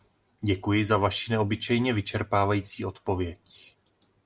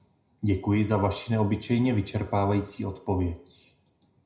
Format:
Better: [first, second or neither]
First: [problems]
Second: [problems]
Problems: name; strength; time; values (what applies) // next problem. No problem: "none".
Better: first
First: none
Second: room echo; dies away in 0.5 s